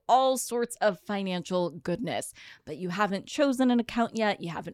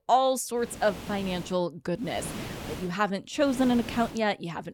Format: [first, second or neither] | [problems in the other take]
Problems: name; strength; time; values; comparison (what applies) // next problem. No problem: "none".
first | hiss; noticeable; at 0.5 s, at 2 s and at 3.5 s; 10 dB below the speech